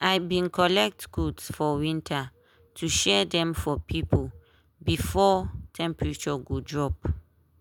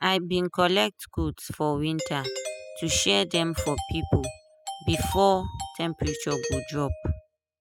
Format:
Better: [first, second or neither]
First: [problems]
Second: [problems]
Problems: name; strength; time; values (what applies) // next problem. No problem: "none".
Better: first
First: none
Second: noise reduction (classical method spectral subtraction)